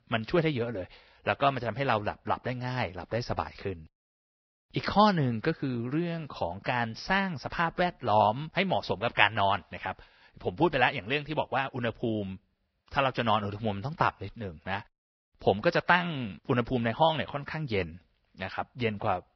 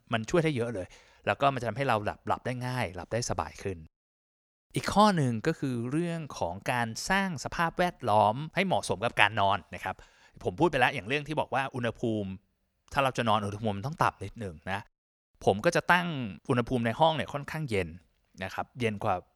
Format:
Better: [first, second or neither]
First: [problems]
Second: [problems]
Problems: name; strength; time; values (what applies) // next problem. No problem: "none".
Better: second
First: garbled, watery; badly; nothing above 5.5 kHz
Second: none